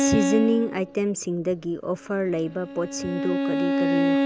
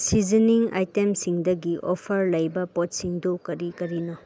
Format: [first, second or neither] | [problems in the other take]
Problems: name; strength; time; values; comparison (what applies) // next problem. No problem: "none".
second | background sound (Bowed string instrument); as loud as the speech